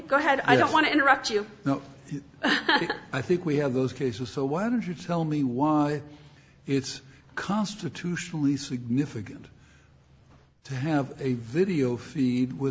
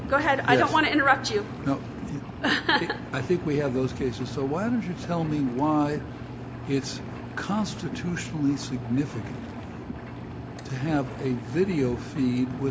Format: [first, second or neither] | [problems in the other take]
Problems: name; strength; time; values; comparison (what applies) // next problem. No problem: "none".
first | background sound (Engine); 9 dB below the speech